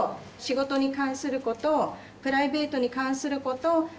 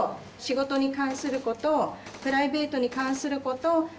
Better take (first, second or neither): first